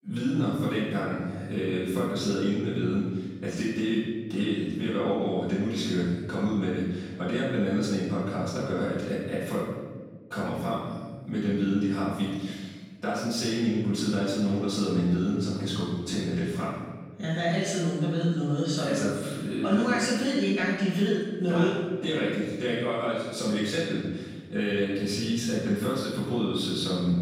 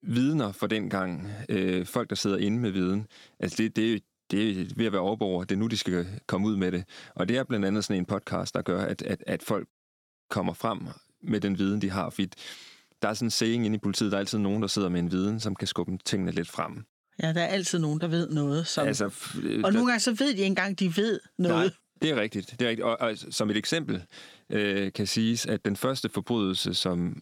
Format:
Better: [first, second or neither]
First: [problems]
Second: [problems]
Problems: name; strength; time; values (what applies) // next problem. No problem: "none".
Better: second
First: room echo; strong; dies away in 1.3 s // off-mic speech; far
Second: none